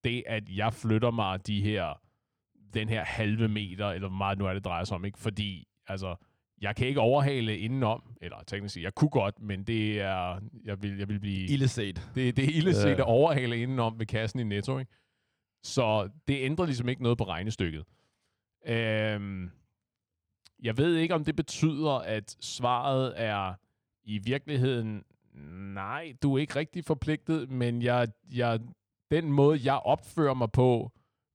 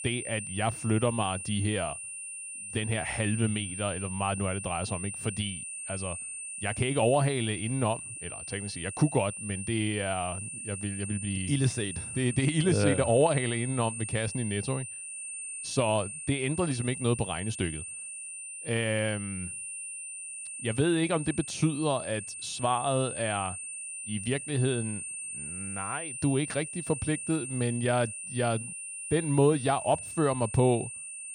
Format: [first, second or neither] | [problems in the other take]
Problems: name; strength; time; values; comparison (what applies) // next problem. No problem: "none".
first | high-pitched whine; loud; throughout; 9 kHz, 7 dB below the speech